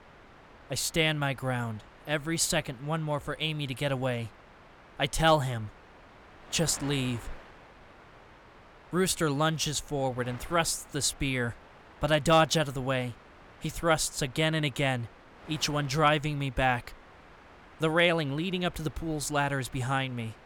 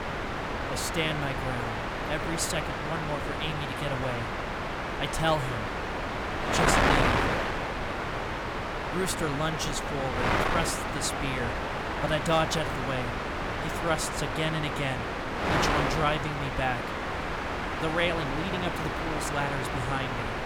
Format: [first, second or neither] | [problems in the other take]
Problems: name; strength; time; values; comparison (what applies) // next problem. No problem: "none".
first | wind noise on the microphone; heavy; 2 dB above the speech; occasional gusts in the first